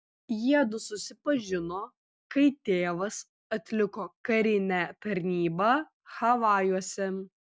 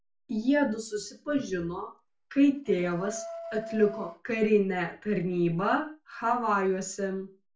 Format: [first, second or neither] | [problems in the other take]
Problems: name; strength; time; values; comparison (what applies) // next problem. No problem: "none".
first | background sound (Wind instrument, woodwind instrument); 14 dB below the speech // room echo; dies away in 0.3 s